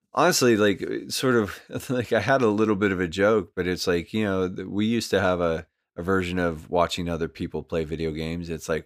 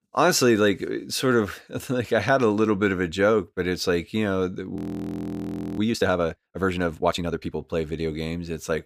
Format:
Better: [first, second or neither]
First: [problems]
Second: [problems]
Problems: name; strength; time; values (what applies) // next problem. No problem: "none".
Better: first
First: none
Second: audio freezing; at 5 s for 1 s